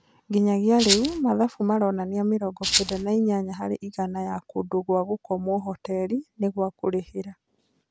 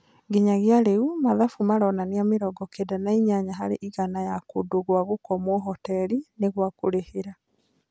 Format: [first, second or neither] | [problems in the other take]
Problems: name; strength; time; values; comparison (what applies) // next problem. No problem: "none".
second | background sound (Rattle (instrument)); as loud as the speech